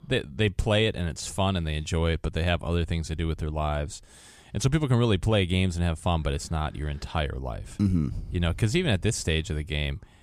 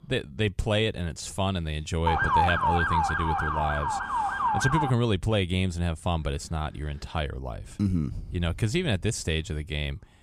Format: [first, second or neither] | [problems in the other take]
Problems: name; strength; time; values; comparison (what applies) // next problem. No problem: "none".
first | siren; loud; from 2 to 5 s; peak 6 dB above the speech